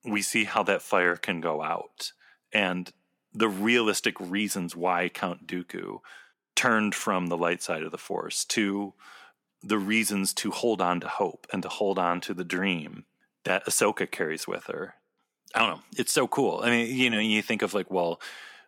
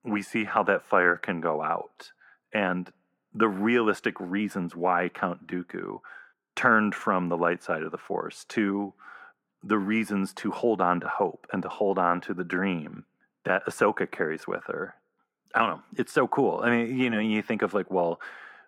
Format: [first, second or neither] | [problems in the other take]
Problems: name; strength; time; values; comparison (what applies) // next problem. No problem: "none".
first | muffled; very; fading above 2.5 kHz